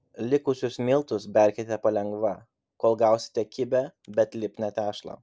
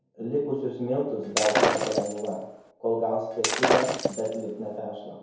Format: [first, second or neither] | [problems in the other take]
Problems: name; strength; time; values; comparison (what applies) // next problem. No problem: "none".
first | background sound (Shatter); 2 dB above the speech // room echo; dies away in 0.9 s